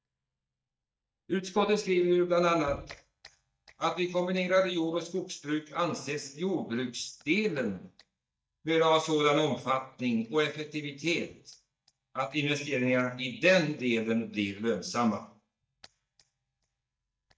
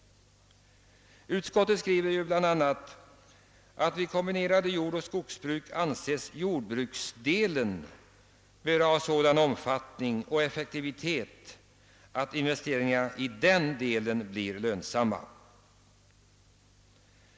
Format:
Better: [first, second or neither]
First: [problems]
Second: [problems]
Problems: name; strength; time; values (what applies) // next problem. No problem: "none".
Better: second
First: noise reduction (neural mask model DeepFilterNet 3)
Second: none